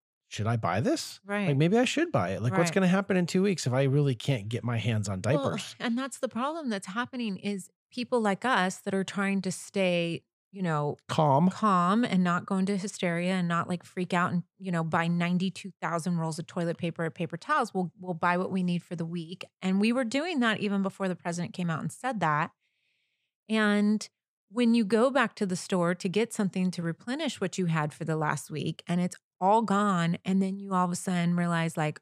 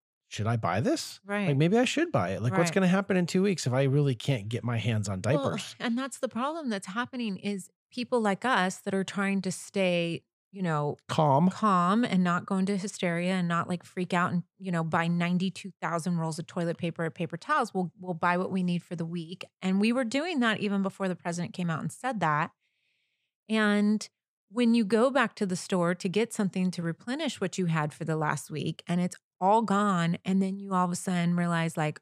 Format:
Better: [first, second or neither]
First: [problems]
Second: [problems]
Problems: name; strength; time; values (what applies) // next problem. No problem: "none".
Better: neither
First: none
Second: none